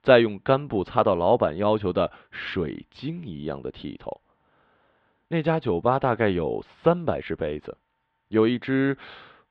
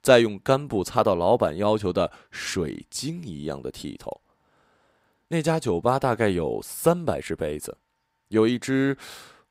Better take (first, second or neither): second